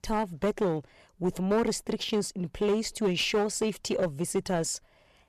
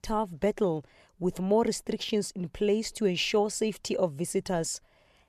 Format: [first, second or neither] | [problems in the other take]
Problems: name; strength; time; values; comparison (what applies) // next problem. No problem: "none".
second | distortion; slight; 7% of the sound clipped